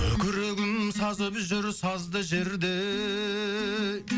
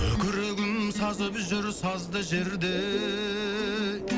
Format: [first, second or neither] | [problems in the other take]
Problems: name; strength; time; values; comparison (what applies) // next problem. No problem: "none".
first | background sound (Subway, metro, underground); 11 dB below the speech